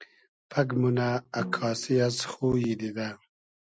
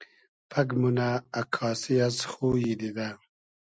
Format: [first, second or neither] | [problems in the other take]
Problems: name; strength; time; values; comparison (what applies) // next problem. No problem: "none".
second | background sound (Snare drum); 15 dB below the speech